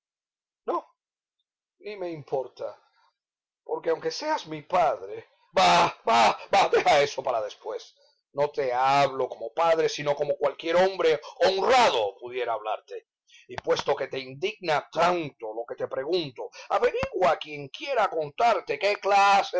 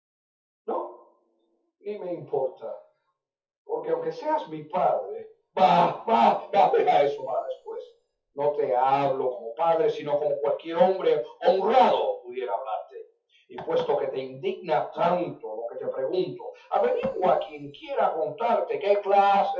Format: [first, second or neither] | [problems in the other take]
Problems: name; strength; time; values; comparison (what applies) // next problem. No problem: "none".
first | noise reduction (classical method WPE with log-MMSE)